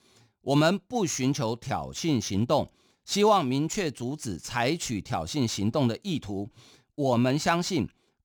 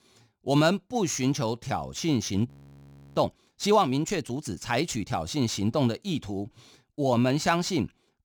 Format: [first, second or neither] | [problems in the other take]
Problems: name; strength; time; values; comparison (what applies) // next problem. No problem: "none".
first | audio freezing; at 2.5 s for 0.5 s